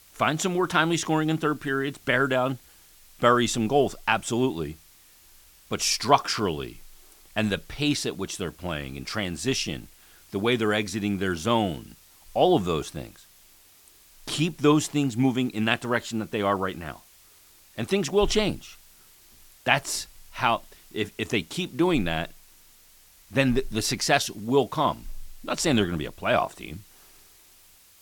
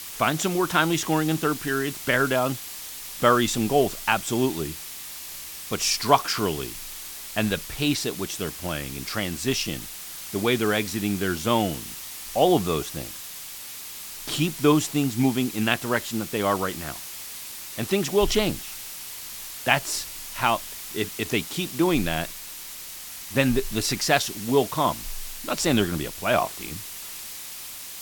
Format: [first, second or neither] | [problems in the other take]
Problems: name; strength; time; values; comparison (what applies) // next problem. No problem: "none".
first | hiss; loud; throughout; 10 dB below the speech; faint in the first